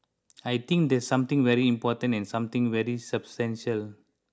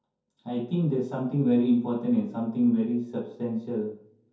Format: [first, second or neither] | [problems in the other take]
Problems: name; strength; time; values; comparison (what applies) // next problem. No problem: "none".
first | room echo; dies away in 0.6 s